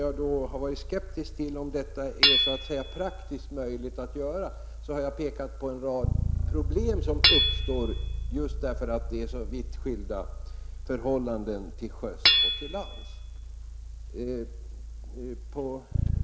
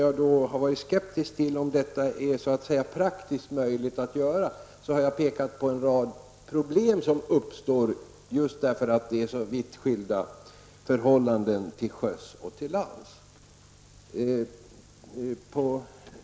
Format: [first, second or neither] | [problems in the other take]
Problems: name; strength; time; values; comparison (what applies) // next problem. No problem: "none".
second | background sound (Bass guitar + Hammer / Chink, clink); 4 dB above the speech